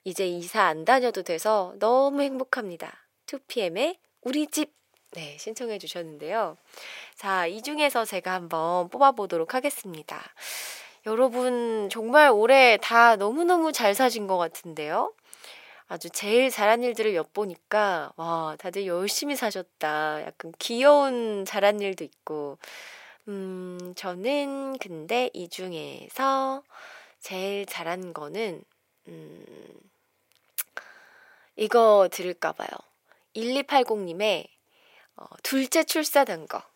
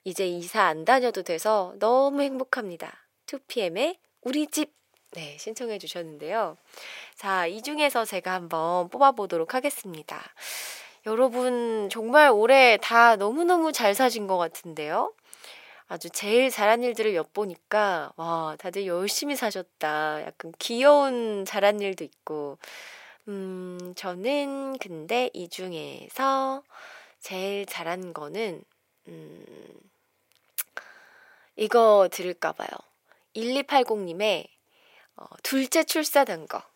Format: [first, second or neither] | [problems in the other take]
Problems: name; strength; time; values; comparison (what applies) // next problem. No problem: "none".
neither | thin; somewhat; fading below 500 Hz; the same in both